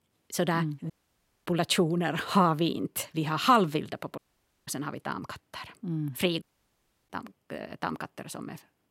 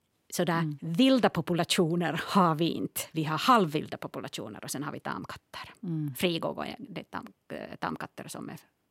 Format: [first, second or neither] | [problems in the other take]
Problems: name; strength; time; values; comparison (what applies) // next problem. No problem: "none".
second | audio cutting out; at 1 s for 0.5 s, at 4 s and at 6.5 s for 0.5 s